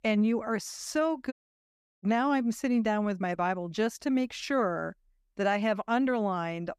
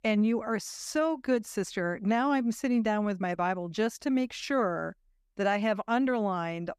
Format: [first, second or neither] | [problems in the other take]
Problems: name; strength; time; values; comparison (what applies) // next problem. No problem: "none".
second | audio cutting out; at 1.5 s for 0.5 s